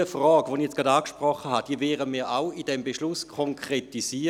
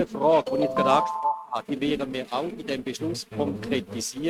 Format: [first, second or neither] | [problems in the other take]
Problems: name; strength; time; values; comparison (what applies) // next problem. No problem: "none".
first | noise reduction (neural mask model RNNoise)